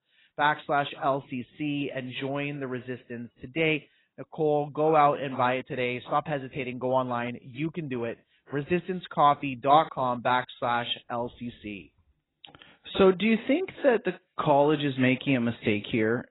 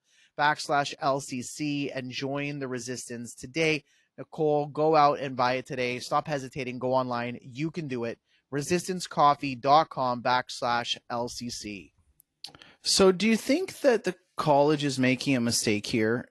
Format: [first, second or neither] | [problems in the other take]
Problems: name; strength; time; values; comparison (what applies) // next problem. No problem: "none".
second | garbled, watery; badly; nothing above 4 kHz; slightly in the second